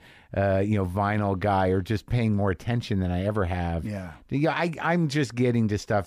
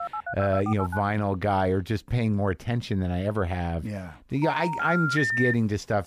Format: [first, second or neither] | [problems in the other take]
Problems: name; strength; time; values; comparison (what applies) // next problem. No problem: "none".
first | phone ringing; noticeable; until 1 s; peak 6 dB below the speech // phone ringing; loud; from 4.5 to 5.5 s; peak 2 dB above the speech